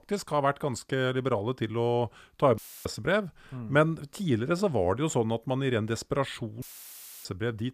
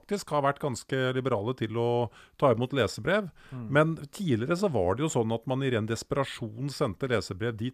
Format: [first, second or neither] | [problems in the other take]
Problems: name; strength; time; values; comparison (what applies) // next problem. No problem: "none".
second | audio cutting out; filled with static; at 2.5 s and at 6.5 s for 0.5 s